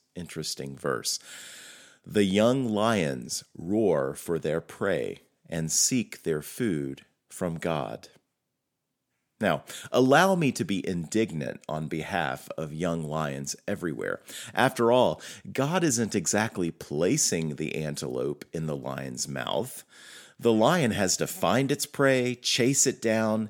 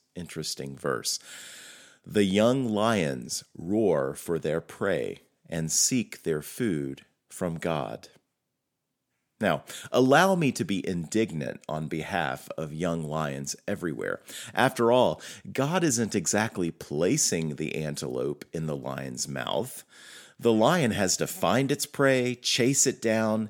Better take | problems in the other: neither | none

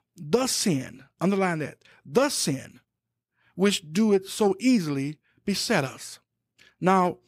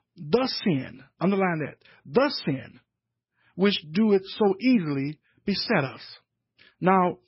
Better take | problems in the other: first | garbled, watery; badly; nothing above 5.5 kHz

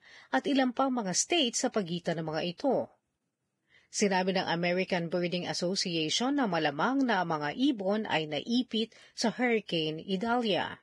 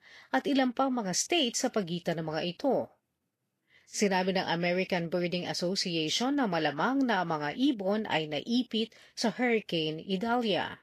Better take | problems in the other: second | garbled, watery; badly; nothing above 10.5 kHz; slightly in the second

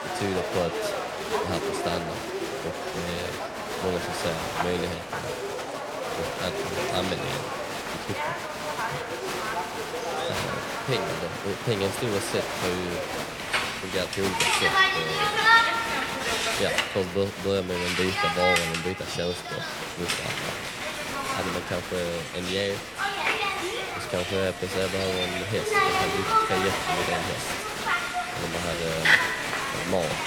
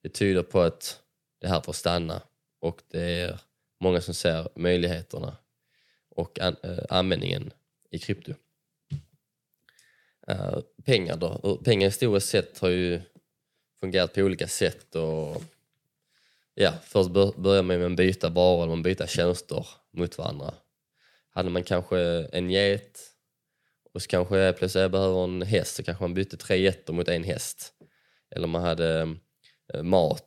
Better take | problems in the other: second | crowd noise; very loud; throughout; 4 dB above the speech

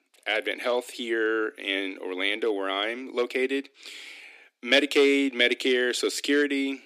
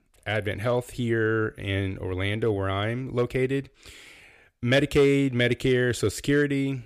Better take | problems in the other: second | thin; very slightly; fading below 250 Hz

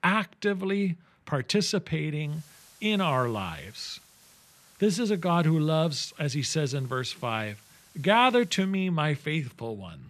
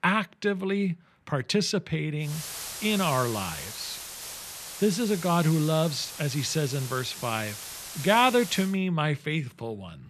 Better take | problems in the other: first | hiss; loud; from 2.5 to 8.5 s; 9 dB below the speech; faint in the first

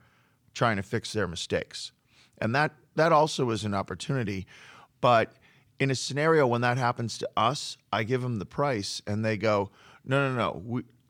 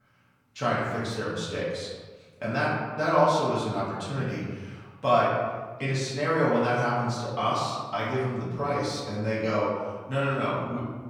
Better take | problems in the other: first | room echo; noticeable; dies away in 1.3 s // off-mic speech; far

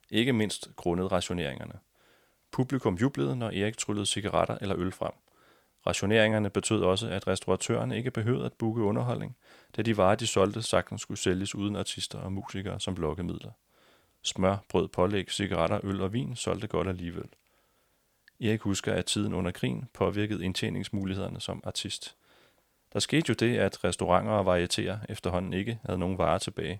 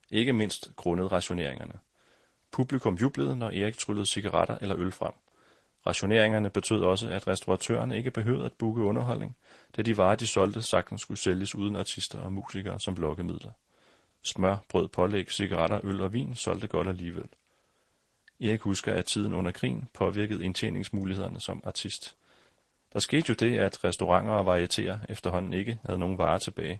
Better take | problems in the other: first | garbled, watery; slightly

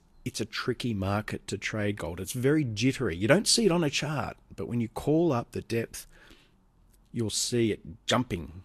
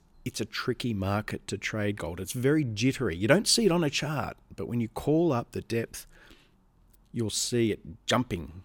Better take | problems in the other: second | garbled, watery; slightly; nothing above 12.5 kHz

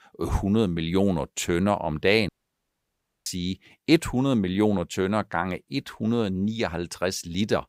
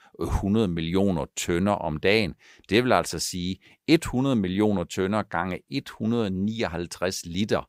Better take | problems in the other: second | audio cutting out; at 2.5 s for 1 s

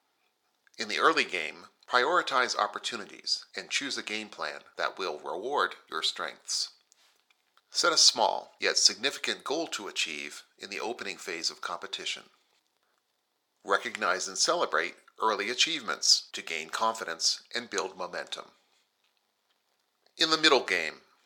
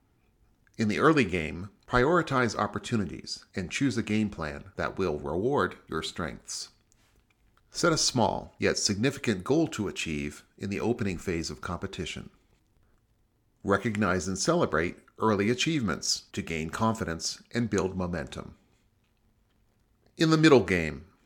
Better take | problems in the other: second | thin; very; fading below 700 Hz

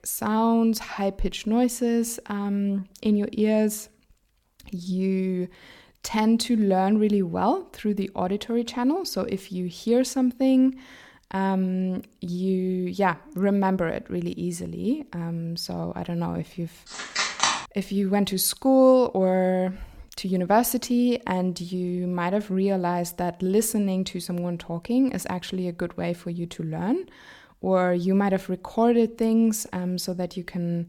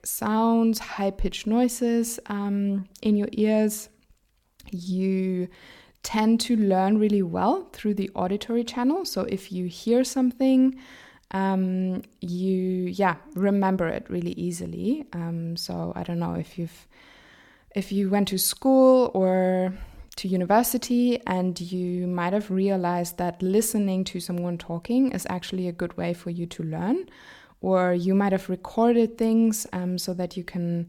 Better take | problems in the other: second | phone ringing; loud; at 17 s; peak 2 dB above the speech

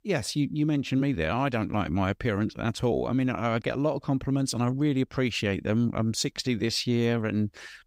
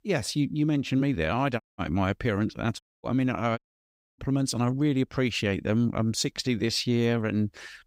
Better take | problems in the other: first | audio cutting out; at 1.5 s, at 3 s and at 3.5 s for 0.5 s

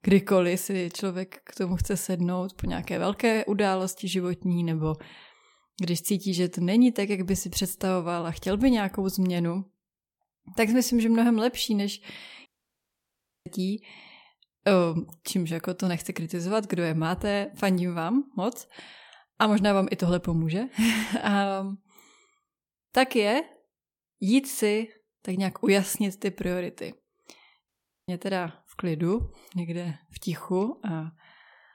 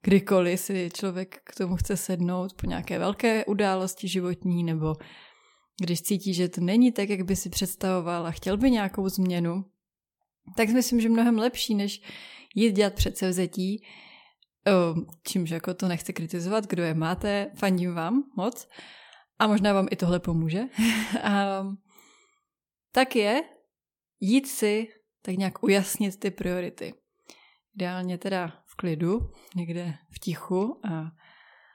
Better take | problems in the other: second | audio cutting out; at 12 s for 1 s and at 28 s

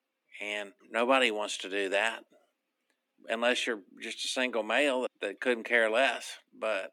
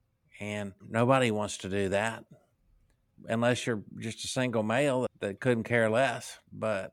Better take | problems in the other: second | thin; very slightly; fading below 250 Hz

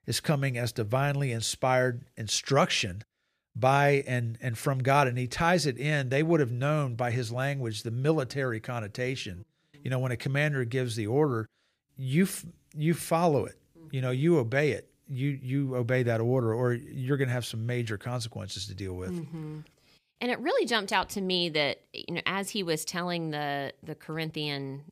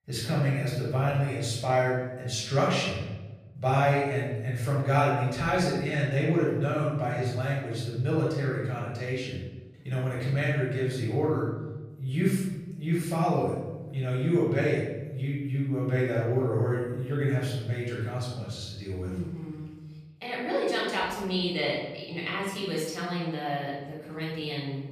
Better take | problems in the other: first | off-mic speech; far // room echo; noticeable; dies away in 1.1 s

